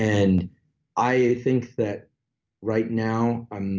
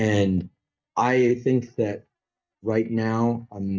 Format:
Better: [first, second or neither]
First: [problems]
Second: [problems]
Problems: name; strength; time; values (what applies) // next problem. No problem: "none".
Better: first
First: none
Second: noise reduction (neural mask model DeepFilterNet 3)